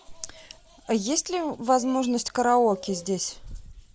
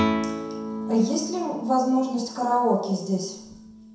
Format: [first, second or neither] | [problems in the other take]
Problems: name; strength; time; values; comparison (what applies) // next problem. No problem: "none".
first | background sound (Guitar); 6 dB below the speech // room echo; dies away in 0.7 s